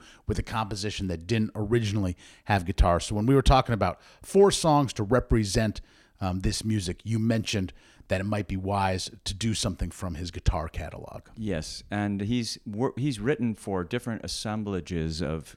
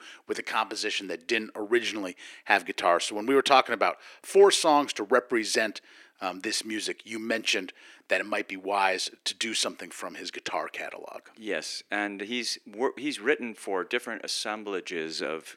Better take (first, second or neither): first